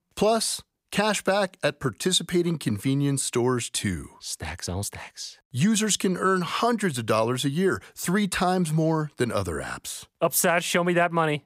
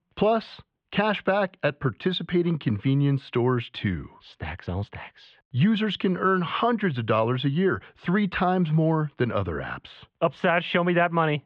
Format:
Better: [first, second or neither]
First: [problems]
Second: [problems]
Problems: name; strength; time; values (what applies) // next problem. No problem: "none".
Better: first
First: none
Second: muffled; very; fading above 3 kHz